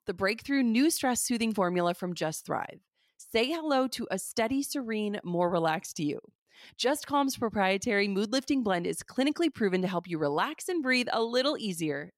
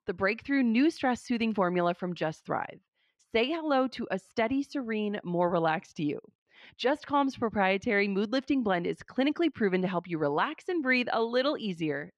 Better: first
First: none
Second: muffled; slightly; fading above 2.5 kHz

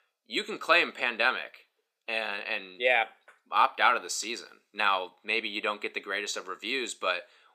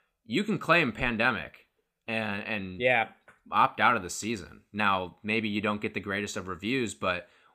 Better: second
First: thin; somewhat; fading below 400 Hz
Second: none

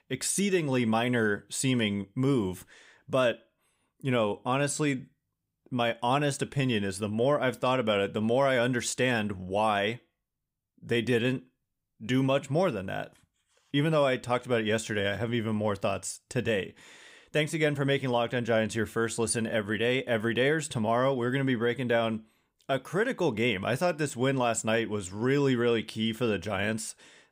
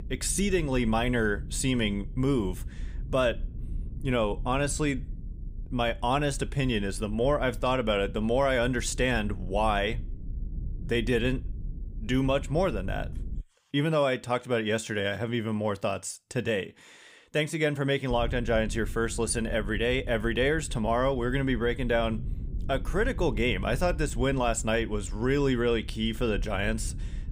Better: first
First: none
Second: low rumble; faint; until 13 s and from 18 s on; 25 dB below the speech

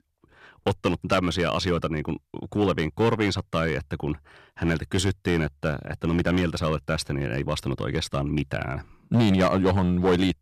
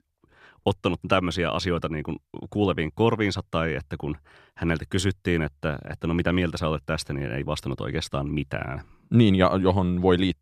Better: second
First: distortion; slight; 4% of the sound clipped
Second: none

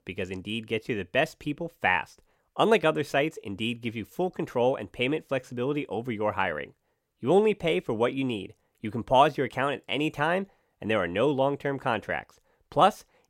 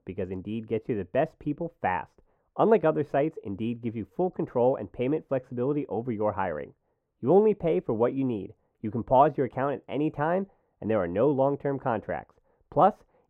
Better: first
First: none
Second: muffled; very; fading above 2 kHz

